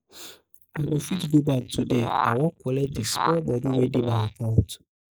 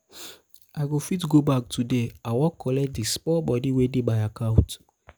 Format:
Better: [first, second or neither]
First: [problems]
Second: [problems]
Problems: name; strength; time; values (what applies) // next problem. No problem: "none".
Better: second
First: noise reduction (neural mask model Resemble Enhance denoiser)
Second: none